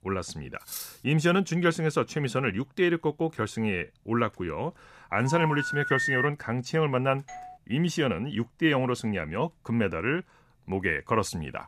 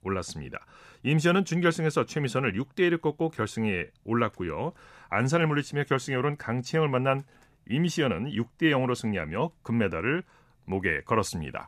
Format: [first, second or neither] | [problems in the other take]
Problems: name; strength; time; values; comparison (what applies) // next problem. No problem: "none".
second | clattering dishes; noticeable; at 0.5 s; peak 9 dB below the speech // phone ringing; loud; from 5.5 to 6.5 s; peak 2 dB above the speech // doorbell; faint; at 7.5 s; peak 15 dB below the speech